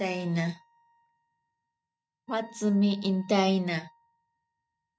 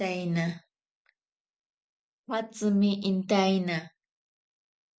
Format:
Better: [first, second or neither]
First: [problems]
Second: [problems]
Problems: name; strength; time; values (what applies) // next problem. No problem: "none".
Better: second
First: noise reduction (neural mask model RNNoise)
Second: none